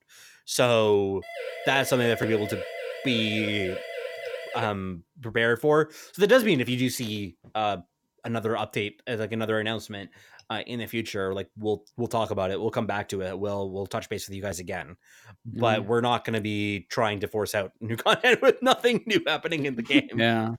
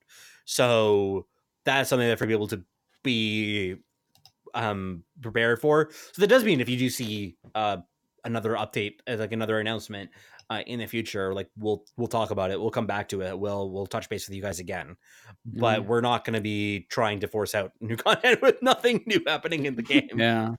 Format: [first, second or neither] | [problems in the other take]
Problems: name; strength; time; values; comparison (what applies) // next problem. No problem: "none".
second | siren; noticeable; from 1 to 4.5 s; peak 8 dB below the speech